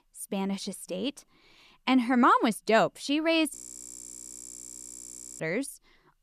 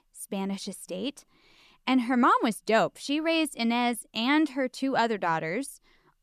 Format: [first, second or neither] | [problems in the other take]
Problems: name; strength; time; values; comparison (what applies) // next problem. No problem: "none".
second | audio freezing; at 3.5 s for 2 s